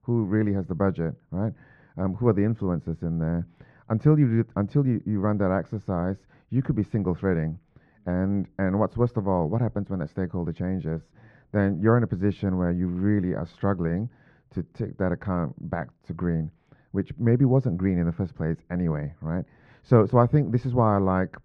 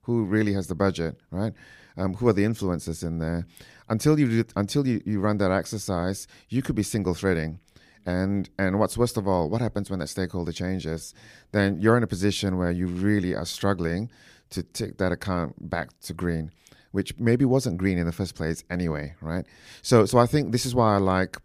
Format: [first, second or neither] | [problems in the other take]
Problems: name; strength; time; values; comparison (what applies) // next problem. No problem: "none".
second | muffled; very; fading above 1 kHz